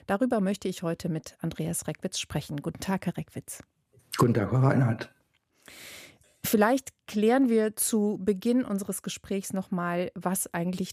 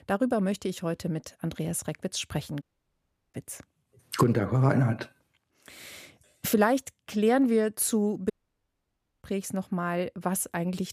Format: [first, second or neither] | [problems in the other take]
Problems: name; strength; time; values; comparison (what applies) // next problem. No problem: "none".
first | audio cutting out; at 2.5 s for 0.5 s and at 8.5 s for 1 s